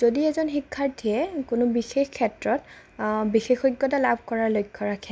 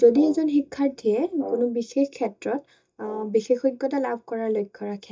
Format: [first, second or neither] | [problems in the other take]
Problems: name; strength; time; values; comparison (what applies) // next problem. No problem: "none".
first | noise reduction (neural mask model DeepFilterNet 3)